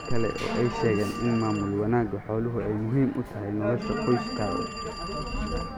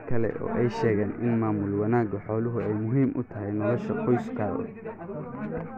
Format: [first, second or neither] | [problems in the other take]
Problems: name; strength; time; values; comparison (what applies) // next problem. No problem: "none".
second | background sound (Telephone); 10 dB below the speech